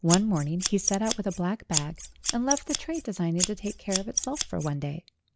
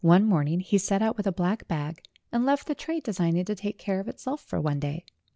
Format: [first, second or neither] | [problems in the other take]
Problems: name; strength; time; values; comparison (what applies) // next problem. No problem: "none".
second | background sound (Scissors); 3 dB below the speech